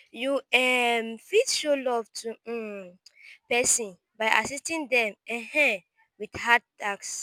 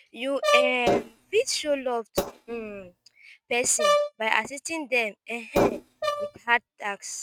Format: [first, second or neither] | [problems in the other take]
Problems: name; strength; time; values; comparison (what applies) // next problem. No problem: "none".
first | noise reduction (neural mask model RNNoise)